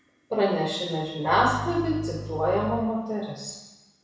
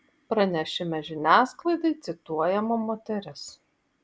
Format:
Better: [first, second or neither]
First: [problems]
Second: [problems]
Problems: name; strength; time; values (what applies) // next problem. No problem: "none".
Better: second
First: background sound (Bowed string instrument); 9 dB below the speech // room echo; dies away in 1 s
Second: none